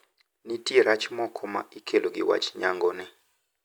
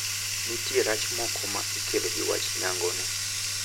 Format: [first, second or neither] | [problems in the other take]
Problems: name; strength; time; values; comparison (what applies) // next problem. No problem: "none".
first | background sound (Bathtub (filling or washing)); 3 dB above the speech